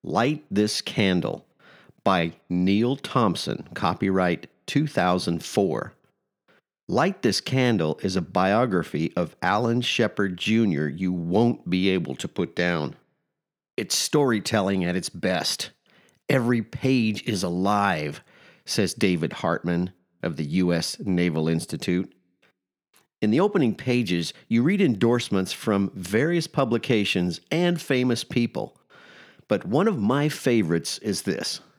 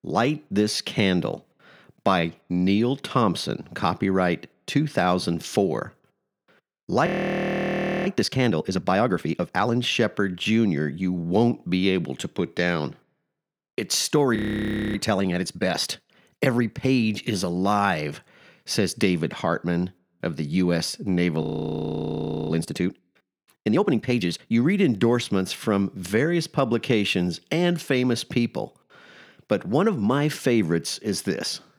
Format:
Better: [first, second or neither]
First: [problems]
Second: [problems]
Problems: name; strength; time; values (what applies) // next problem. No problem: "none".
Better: first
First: none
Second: audio freezing; at 7 s for 1 s, at 14 s for 0.5 s and at 21 s for 1 s